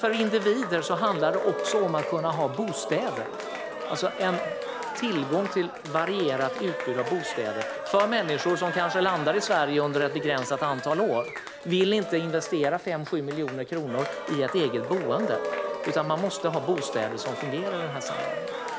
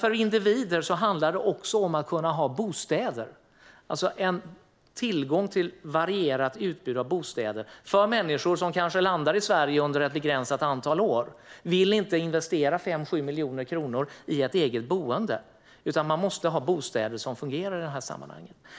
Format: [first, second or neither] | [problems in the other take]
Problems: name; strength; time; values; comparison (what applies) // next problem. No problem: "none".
second | background sound (Cheering); 6 dB below the speech